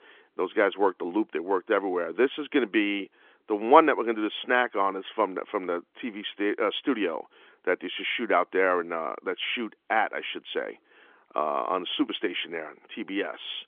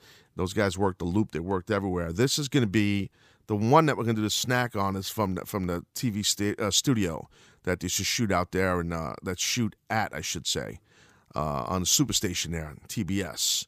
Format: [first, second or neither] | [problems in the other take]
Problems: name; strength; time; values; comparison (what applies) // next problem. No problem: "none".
second | phone-call audio; nothing above 3.5 kHz